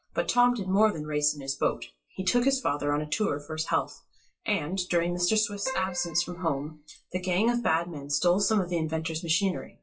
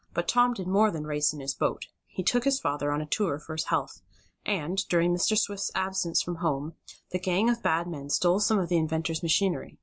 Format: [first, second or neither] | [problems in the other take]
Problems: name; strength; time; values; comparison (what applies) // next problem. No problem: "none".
second | noise reduction (classical method WPE with log-MMSE)